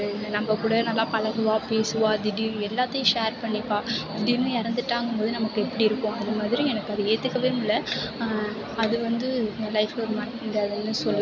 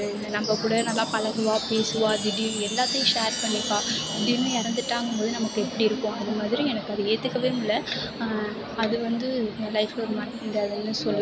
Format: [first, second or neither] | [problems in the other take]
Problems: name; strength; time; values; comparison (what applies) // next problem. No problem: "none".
first | background sound (Chime); 9 dB below the speech